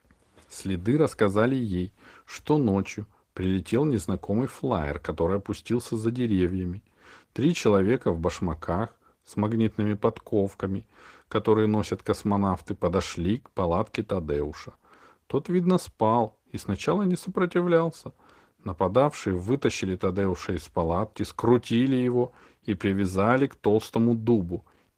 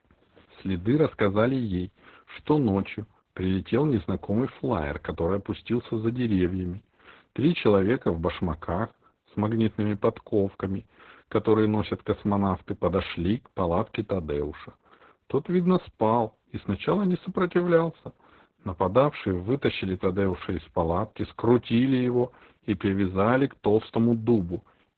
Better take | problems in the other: first | garbled, watery; badly; slightly in the first

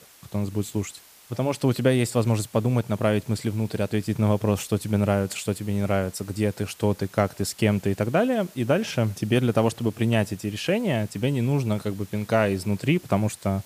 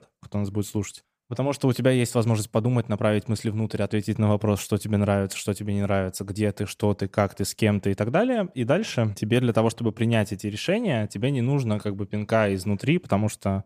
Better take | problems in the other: second | hiss; very faint; throughout; 25 dB below the speech

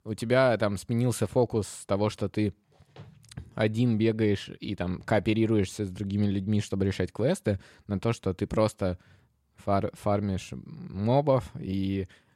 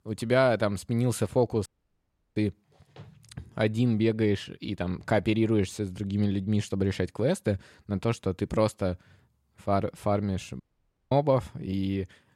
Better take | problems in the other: first | audio cutting out; at 1.5 s for 0.5 s and at 11 s for 0.5 s

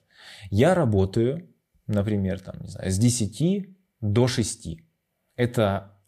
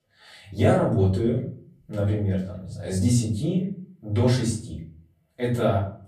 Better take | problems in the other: first | off-mic speech; far // room echo; slight; dies away in 0.4 s

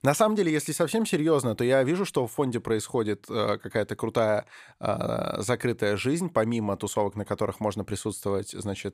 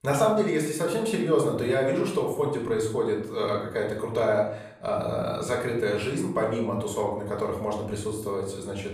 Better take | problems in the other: first | off-mic speech; far // room echo; noticeable; dies away in 0.6 s

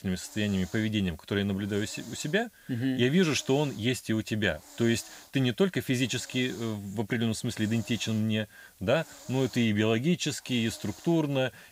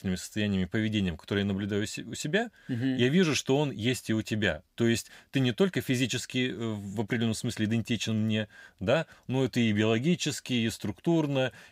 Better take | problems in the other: second | hiss; faint; throughout; 20 dB below the speech

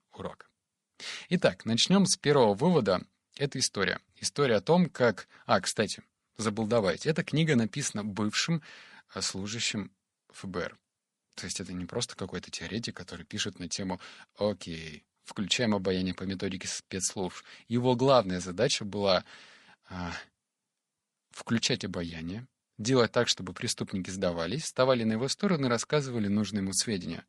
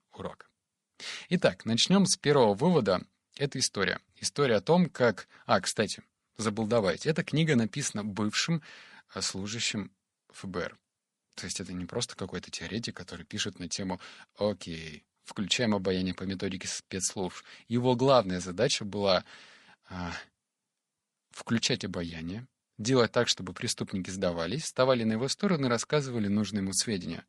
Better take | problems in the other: neither | garbled, watery; slightly; nothing above 10.5 kHz; the same in both

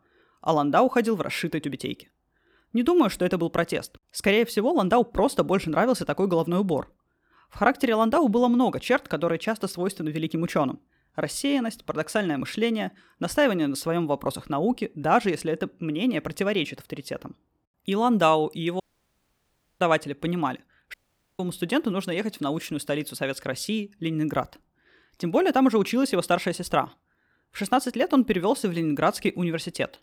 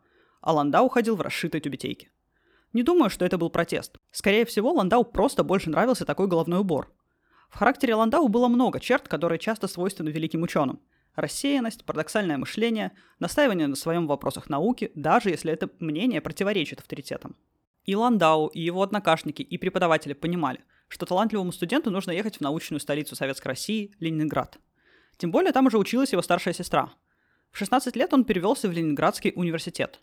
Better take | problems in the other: second | audio cutting out; at 19 s for 1 s and at 21 s

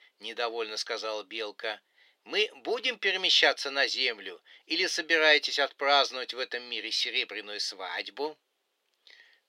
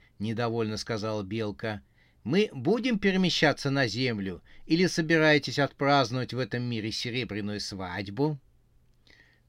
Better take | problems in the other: second | thin; very; fading below 450 Hz

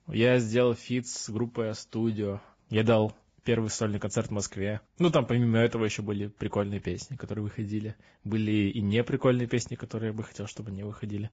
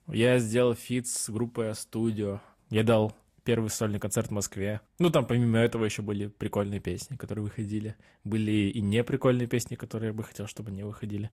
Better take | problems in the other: second | garbled, watery; badly; nothing above 7.5 kHz; slightly in the second

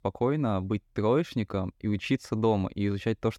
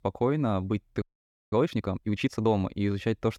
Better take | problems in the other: first | audio freezing; at 1 s for 0.5 s

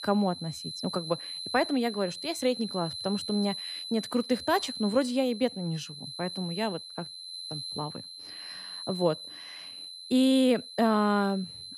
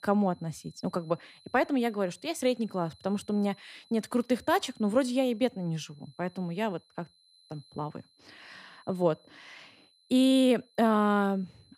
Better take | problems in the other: second | high-pitched whine; loud; throughout; 4 kHz, 9 dB below the speech; faint in the second

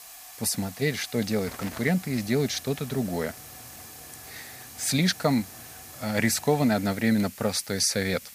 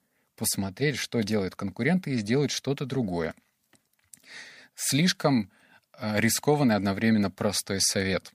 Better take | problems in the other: second | hiss; noticeable; throughout; 15 dB below the speech

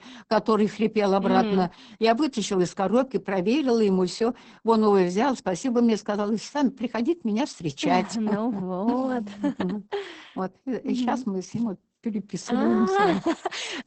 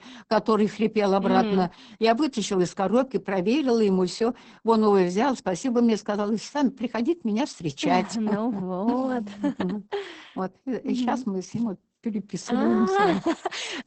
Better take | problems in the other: neither | garbled, watery; badly; nothing above 8 kHz; the same in both

